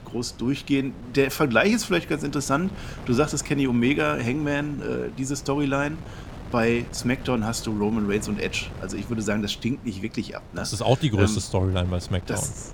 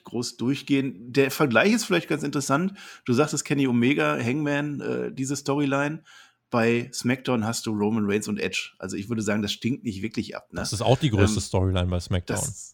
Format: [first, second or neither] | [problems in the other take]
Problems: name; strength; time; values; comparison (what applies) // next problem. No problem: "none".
second | wind noise on the microphone; occasional gusts; 20 dB below the speech